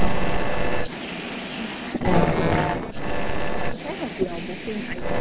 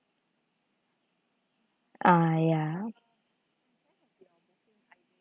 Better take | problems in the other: second | noise reduction (neural separator model SepFormer DNS4)

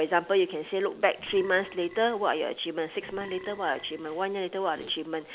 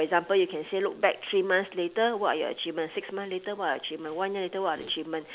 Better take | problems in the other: second | background sound (Burping, eructation); 20 dB below the speech

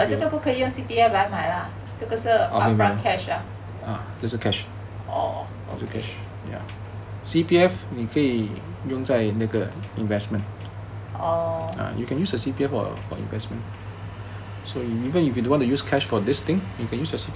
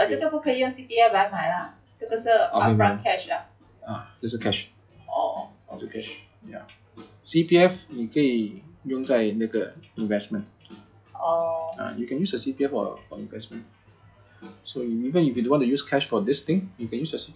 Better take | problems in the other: first | noise reduction (classical method log-MMSE)

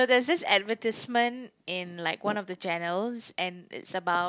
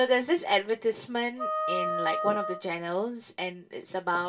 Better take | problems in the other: first | background sound (Wind instrument, woodwind instrument); 3 dB below the speech // room echo; dies away in 0.2 s

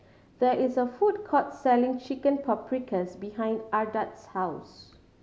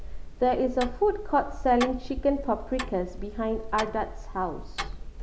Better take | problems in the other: first | background sound (Tick-tock); 8 dB below the speech

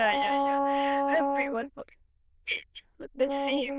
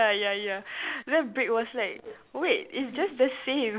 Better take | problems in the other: second | noise reduction (neural diffusion model UNIVERSE++)

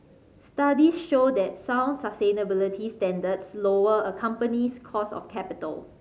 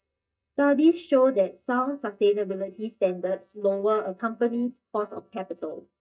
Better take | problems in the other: first | noise reduction (neural mask model DeepFilterNet 3)

